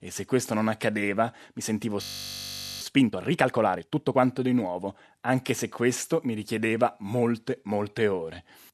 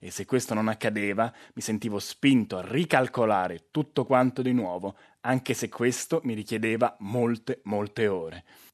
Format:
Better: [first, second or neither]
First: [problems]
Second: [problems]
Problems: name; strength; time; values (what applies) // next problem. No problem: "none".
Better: second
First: audio freezing; at 2 s for 1 s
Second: none